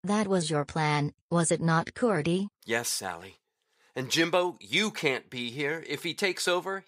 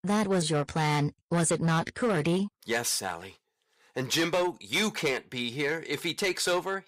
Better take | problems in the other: first | distortion; slight; 9% of the sound clipped

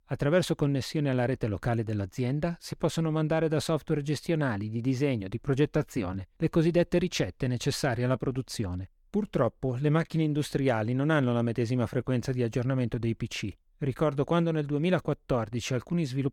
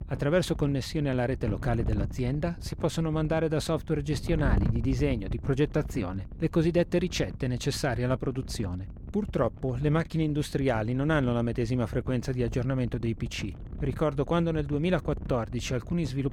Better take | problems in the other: first | wind noise on the microphone; occasional gusts; 15 dB below the speech

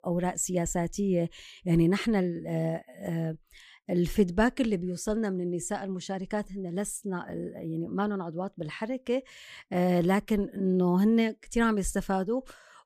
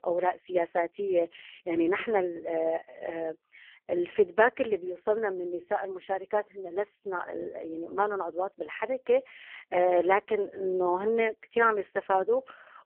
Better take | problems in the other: first | phone-call audio; poor line

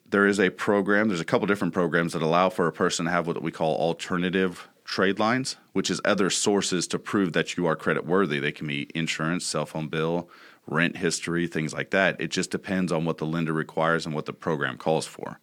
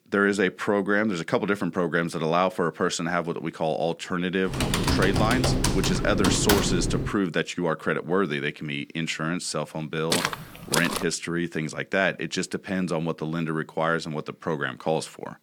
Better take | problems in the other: first | keyboard typing; loud; from 4.5 to 7 s; peak 4 dB above the speech // footsteps; loud; at 10 s; peak 1 dB above the speech

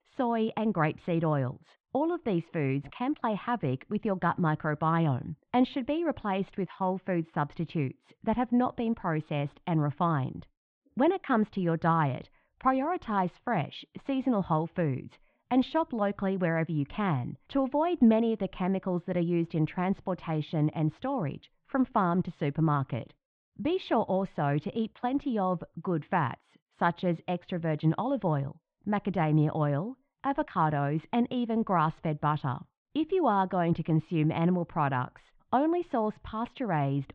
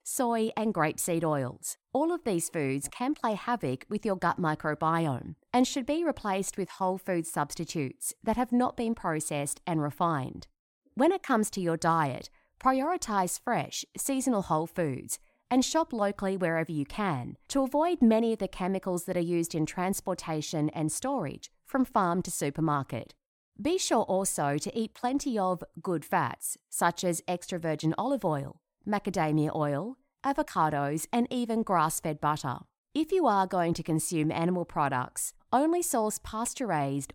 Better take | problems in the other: second | muffled; very; fading above 3.5 kHz

